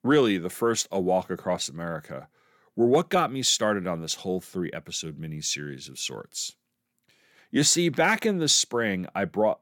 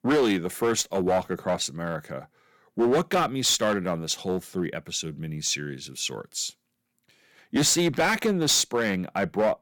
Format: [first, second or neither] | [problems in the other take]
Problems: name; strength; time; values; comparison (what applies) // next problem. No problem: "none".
first | distortion; slight; 6% of the sound clipped